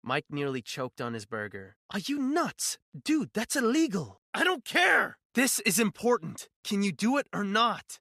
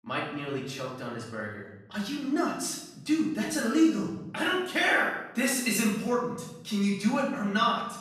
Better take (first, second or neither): first